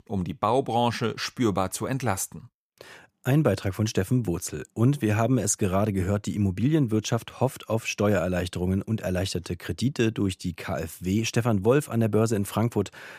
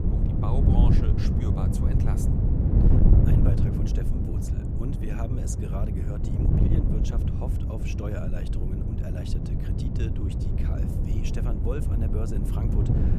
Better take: first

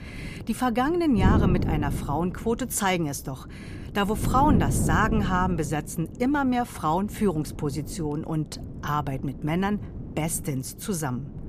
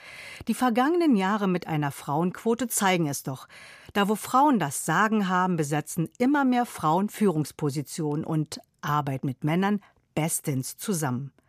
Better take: second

